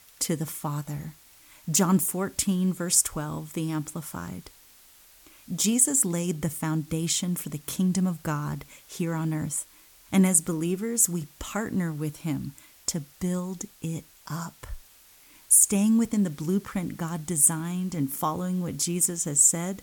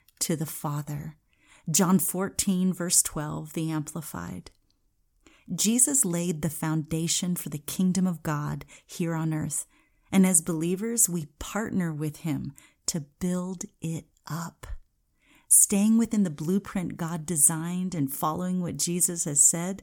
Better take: second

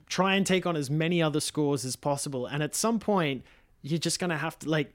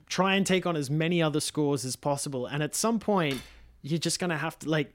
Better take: first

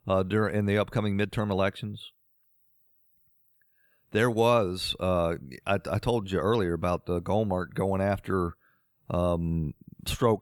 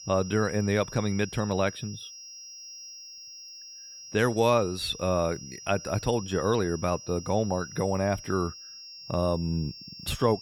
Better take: first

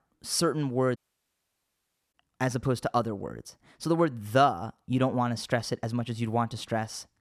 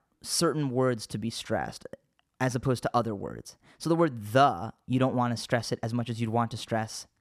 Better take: second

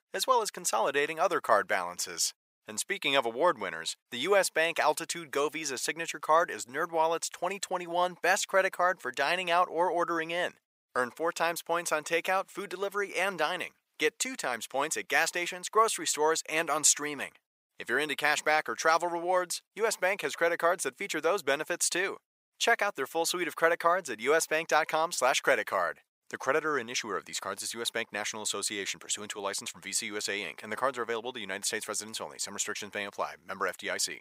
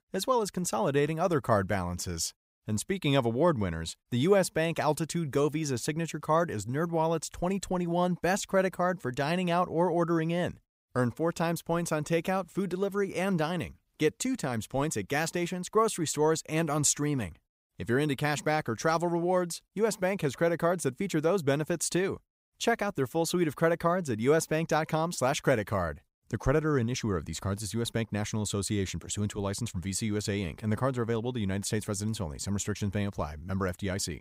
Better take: second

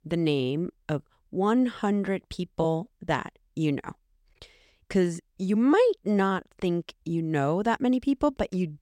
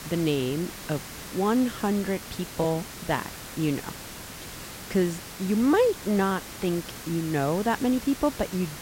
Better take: first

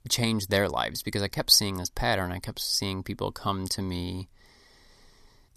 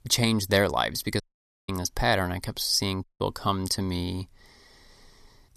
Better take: first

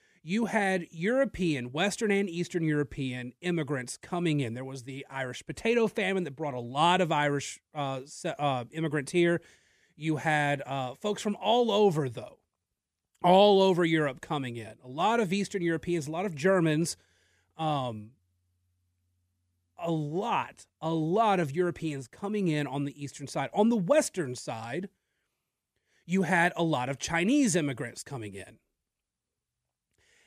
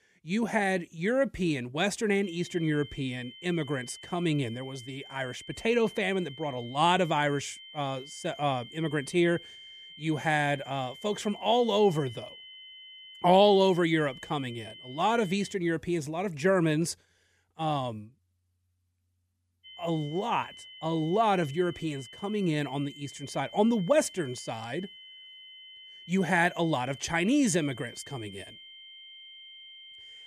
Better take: first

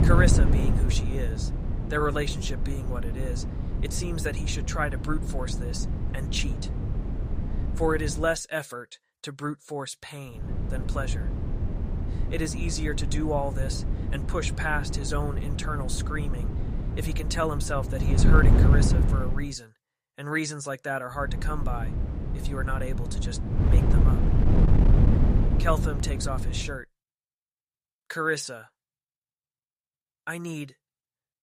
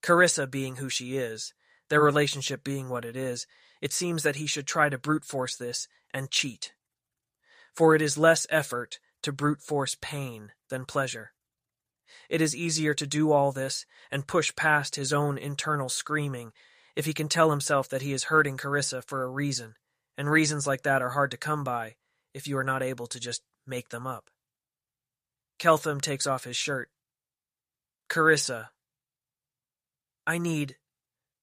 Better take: second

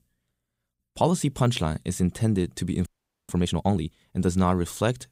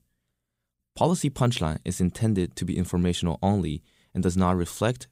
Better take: second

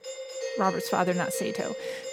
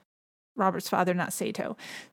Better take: second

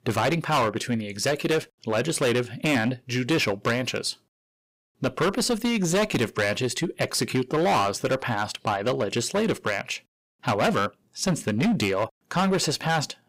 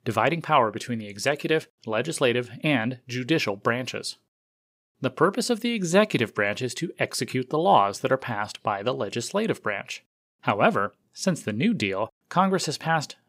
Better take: second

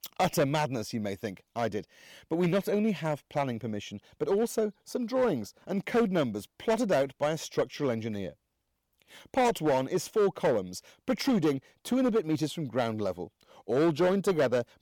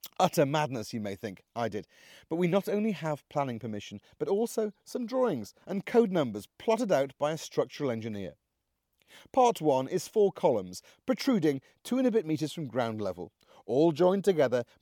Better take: second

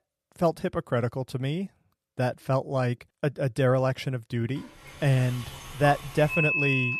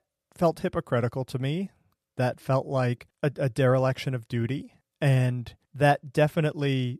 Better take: second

